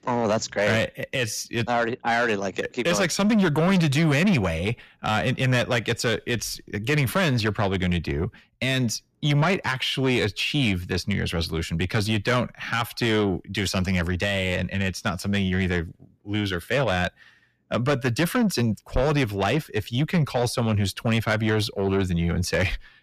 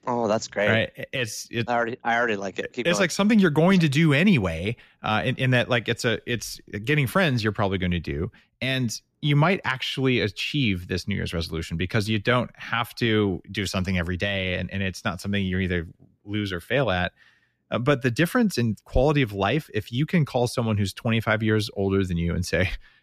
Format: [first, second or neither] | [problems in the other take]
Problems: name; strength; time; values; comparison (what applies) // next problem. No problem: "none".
second | distortion; slight; 10 dB below the speech